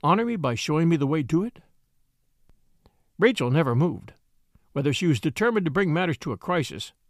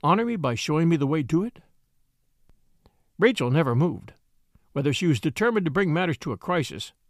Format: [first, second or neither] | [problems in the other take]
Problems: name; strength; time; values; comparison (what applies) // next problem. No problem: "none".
neither | none